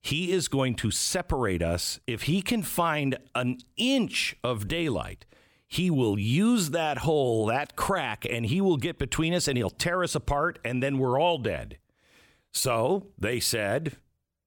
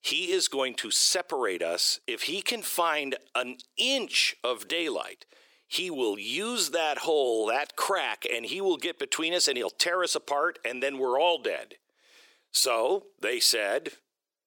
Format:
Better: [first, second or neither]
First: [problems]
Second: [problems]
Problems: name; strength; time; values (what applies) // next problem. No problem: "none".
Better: first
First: none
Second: thin; very; fading below 350 Hz